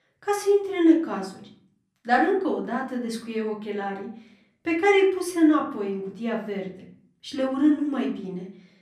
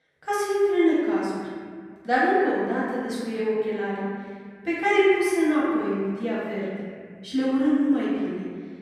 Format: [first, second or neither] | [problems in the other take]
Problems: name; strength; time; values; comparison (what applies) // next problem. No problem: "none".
first | room echo; strong; dies away in 2.4 s; slight in the first // off-mic speech; far; far in the first